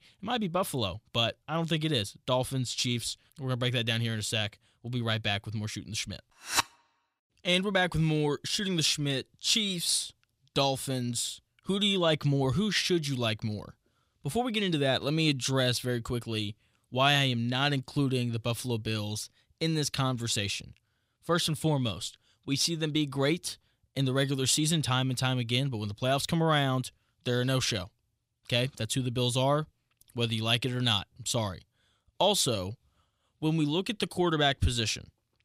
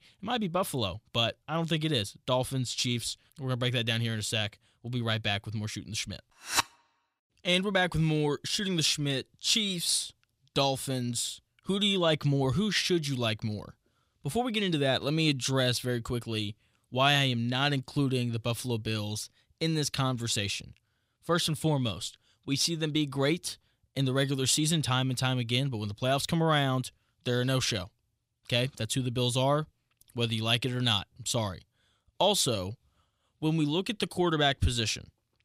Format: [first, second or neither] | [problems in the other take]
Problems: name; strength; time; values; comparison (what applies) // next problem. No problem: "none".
neither | none